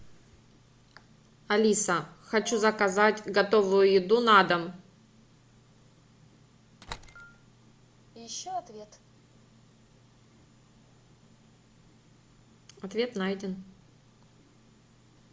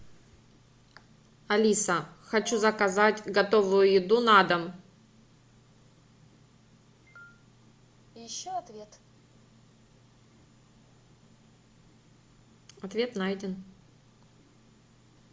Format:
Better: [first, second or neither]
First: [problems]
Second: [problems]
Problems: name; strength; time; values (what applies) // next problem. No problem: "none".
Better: second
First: background sound (Slam); 20 dB below the speech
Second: none